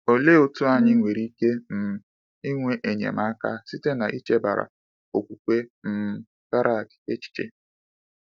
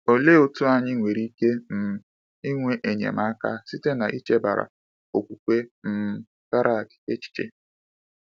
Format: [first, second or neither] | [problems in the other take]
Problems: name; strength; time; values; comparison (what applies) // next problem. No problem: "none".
second | noise reduction (neural mask model DeepFilterNet 3)